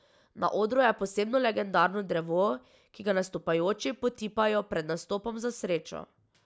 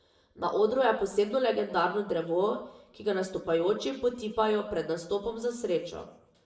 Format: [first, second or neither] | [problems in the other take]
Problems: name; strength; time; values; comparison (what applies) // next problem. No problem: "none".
first | room echo; dies away in 0.6 s